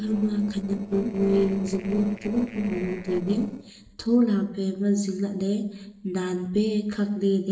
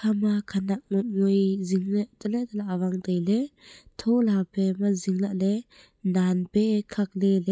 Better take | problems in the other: second | noise reduction (neural separator model SepFormer DNS4)

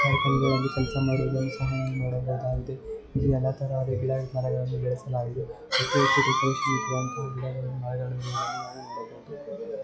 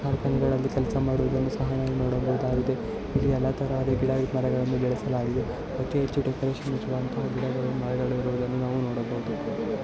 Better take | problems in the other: second | noise reduction (classical method log-MMSE)

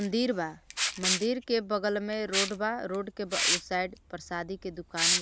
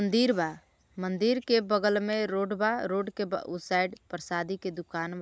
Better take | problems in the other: second | background sound (Liquid); 1 dB below the speech

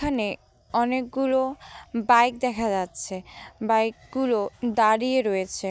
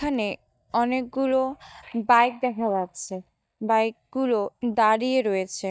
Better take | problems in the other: first | noise reduction (neural mask model DeepFilterNet 3)

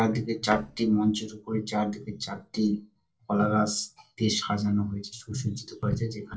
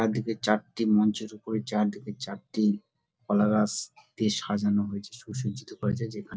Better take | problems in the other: second | noise reduction (neural separator model SepFormer DNS4)

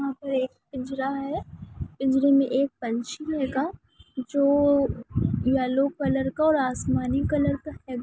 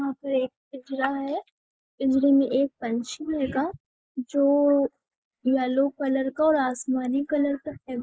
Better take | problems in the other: first | noise reduction (neural mask model Resemble Enhance denoiser)

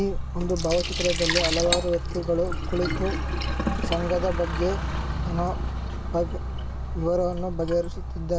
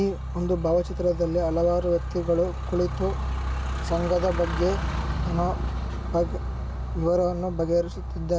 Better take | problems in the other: second | background sound (Sink (filling or washing) + Cutlery, silverware); 5 dB below the speech

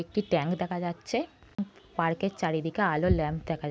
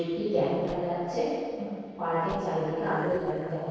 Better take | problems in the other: first | noise reduction (neural separator model SepFormer DNS4)

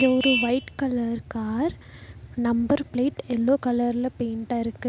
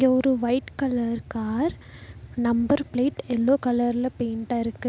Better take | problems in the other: second | background sound (Vehicle horn, car horn, honking); 12 dB below the speech

